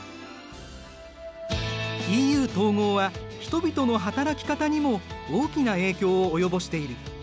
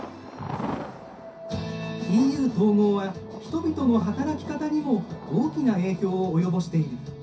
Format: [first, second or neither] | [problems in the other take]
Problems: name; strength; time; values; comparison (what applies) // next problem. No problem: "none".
first | background sound (Thunder); 14 dB below the speech // room echo; dies away in 0.3 s